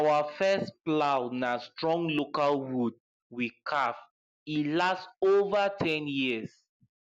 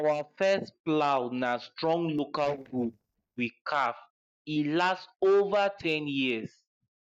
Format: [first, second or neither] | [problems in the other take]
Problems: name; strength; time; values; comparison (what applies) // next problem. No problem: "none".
first | noise reduction (neural mask model DeepFilterNet 3)